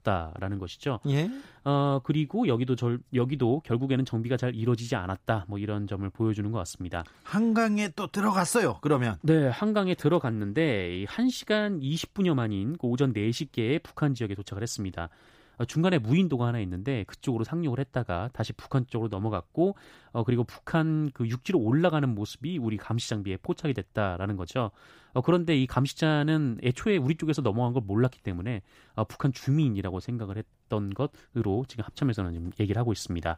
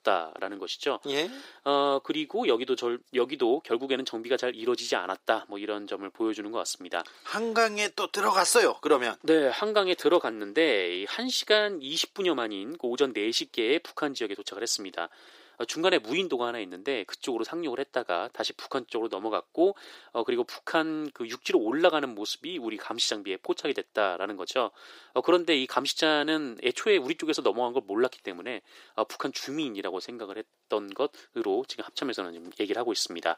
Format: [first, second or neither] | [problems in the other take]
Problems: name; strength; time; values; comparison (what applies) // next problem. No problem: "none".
first | thin; very; fading below 350 Hz